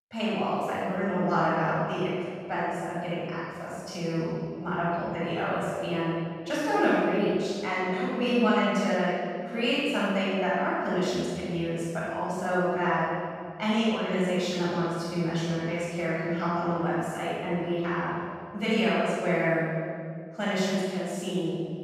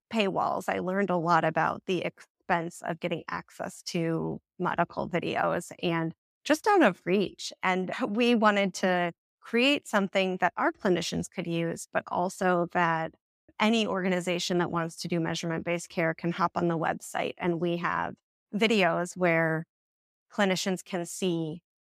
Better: second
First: room echo; strong; dies away in 2.2 s // off-mic speech; far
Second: none

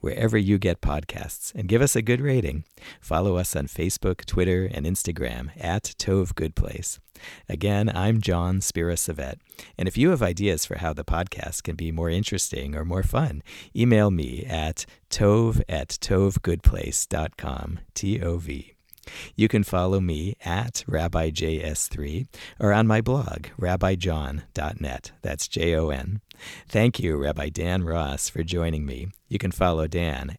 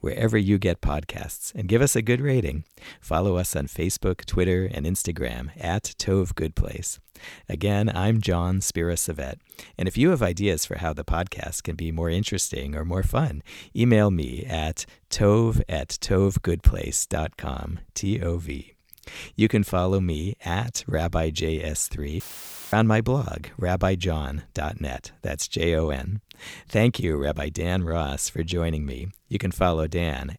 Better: first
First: none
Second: audio cutting out; filled with static; at 22 s for 0.5 s

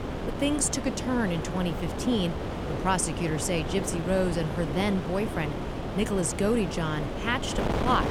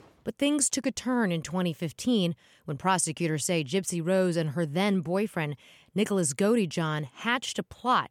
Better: second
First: wind noise on the microphone; heavy; 5 dB below the speech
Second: none

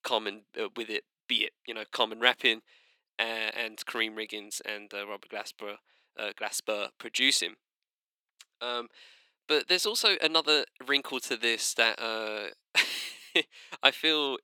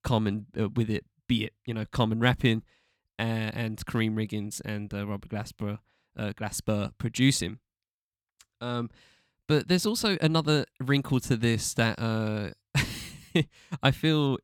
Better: second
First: thin; very; fading below 400 Hz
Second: none

